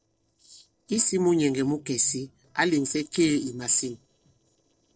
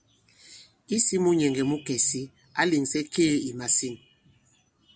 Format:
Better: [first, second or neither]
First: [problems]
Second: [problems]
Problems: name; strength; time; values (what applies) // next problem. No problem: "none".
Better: second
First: noise reduction (neural separator model SepFormer DNS4)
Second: none